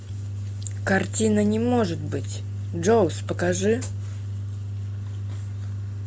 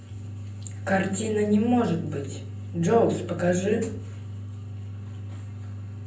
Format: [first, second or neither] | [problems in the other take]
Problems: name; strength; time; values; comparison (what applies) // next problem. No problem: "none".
first | room echo; dies away in 0.6 s